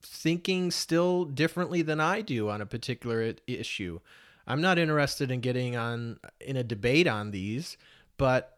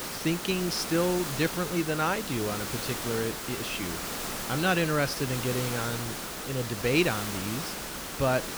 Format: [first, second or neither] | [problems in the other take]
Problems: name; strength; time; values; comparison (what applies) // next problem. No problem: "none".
first | hiss; loud; throughout; 4 dB below the speech